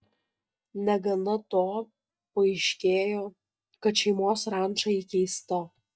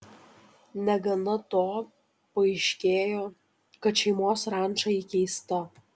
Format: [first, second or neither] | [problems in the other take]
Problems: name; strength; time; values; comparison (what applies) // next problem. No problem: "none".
second | noise reduction (neural mask model DeepFilterNet 3)